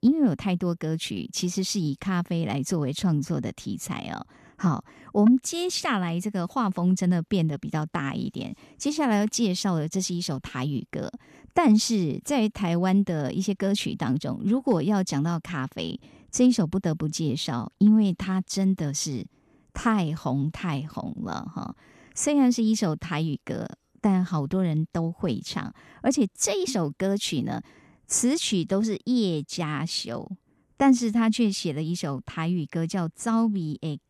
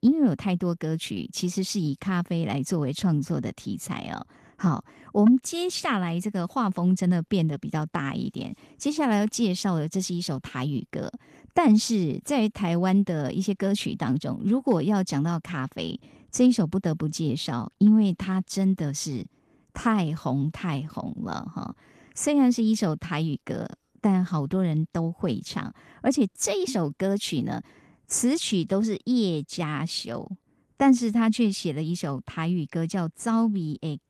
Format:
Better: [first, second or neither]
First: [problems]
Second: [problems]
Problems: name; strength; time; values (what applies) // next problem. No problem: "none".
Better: first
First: none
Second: garbled, watery; slightly; nothing above 14.5 kHz